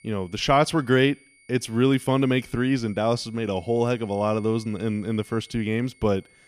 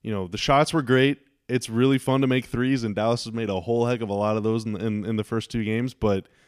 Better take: second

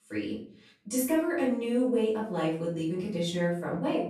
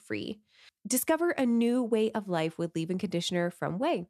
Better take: second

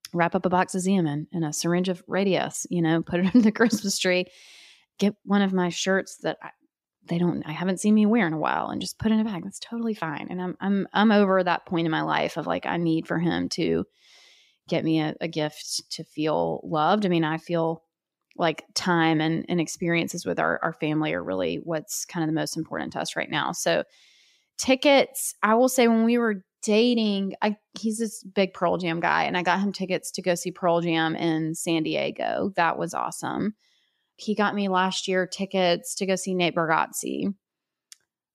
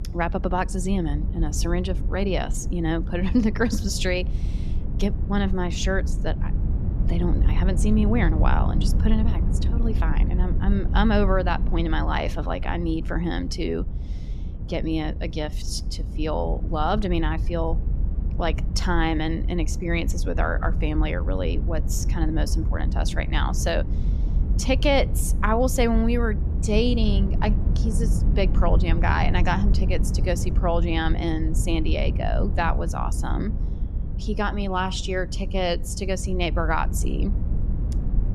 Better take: first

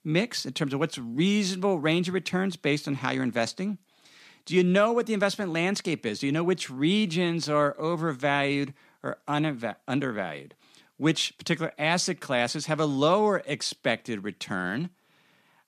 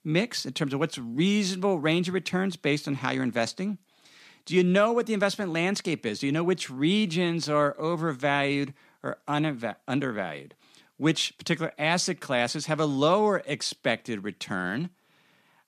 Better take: neither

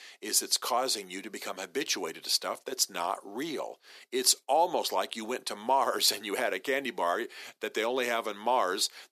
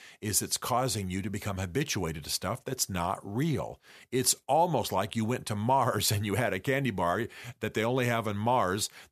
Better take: second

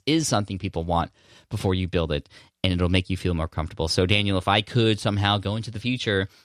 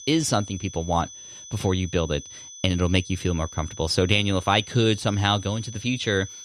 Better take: first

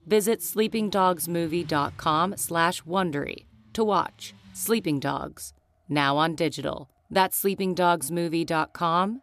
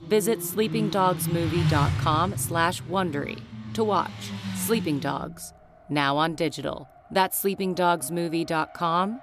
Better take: first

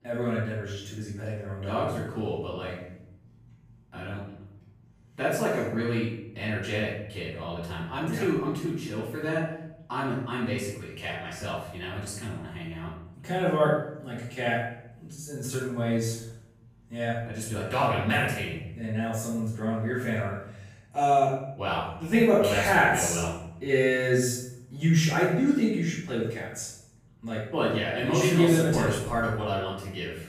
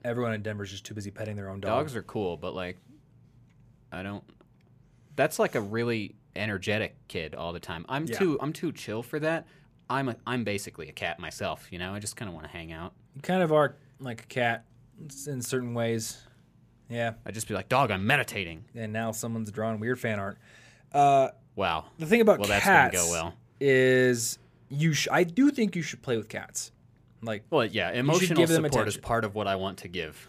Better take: second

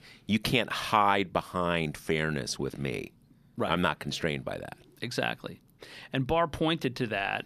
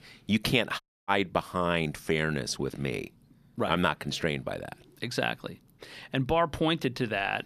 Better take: first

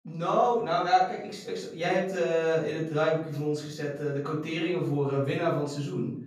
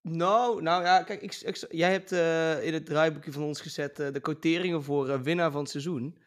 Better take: second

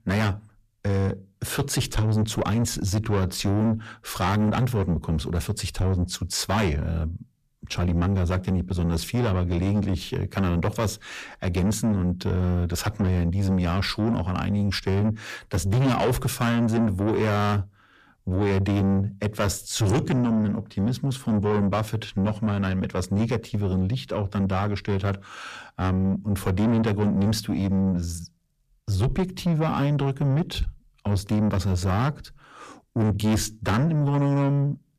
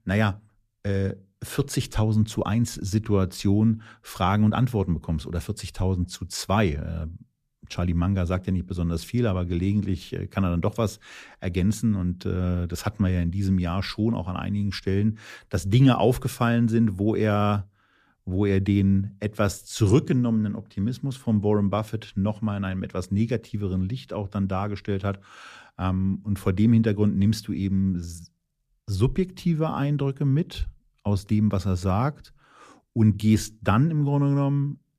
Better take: second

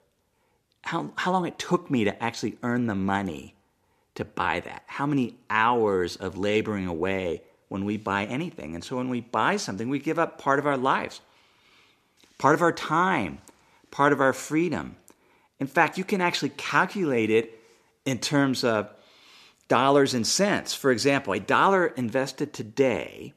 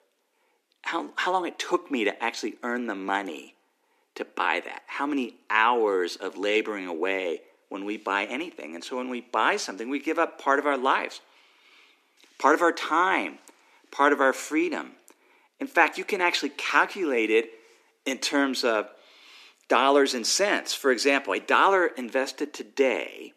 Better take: first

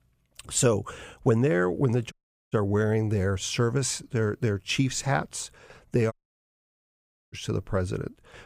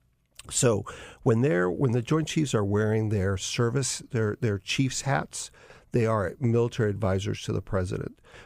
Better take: second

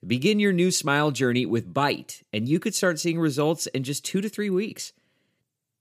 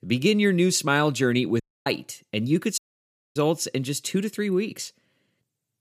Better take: first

